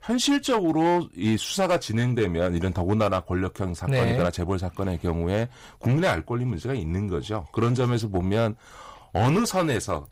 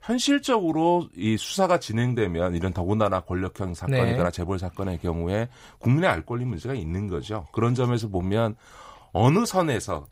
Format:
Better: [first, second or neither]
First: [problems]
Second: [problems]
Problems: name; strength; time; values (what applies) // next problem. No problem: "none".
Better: second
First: distortion; slight; 7% of the sound clipped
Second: none